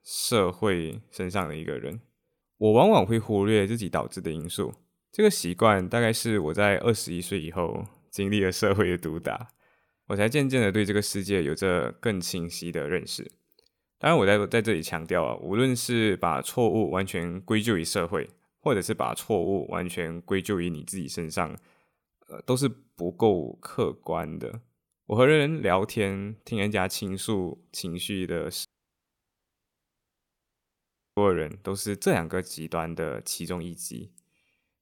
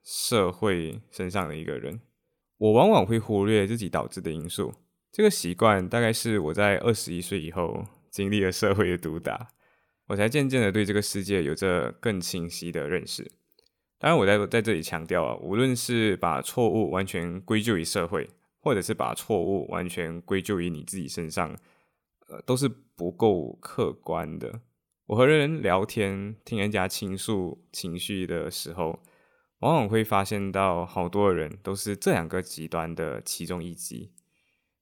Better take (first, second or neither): second